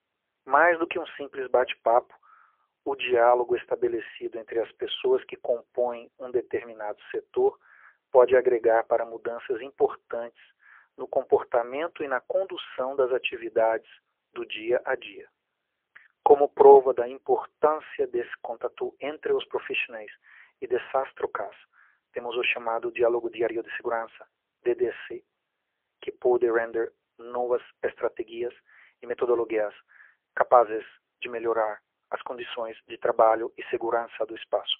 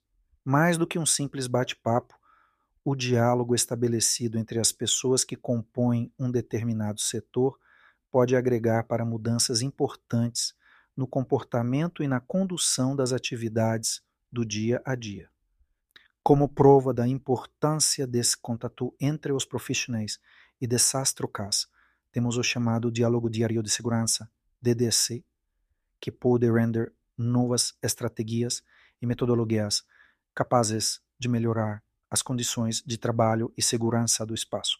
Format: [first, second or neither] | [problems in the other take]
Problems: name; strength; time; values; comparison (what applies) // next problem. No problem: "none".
second | phone-call audio; poor line; nothing above 3.5 kHz